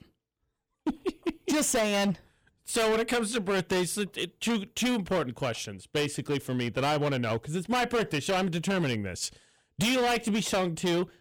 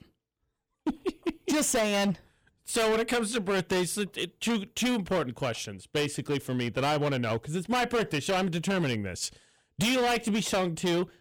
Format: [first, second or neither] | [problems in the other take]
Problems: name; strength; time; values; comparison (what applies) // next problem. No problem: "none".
neither | distortion; heavy; 15% of the sound clipped; the same in both